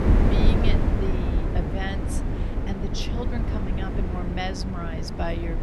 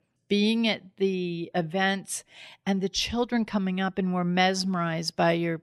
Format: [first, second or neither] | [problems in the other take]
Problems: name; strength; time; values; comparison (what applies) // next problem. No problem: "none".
second | wind noise on the microphone; heavy; 1 dB above the speech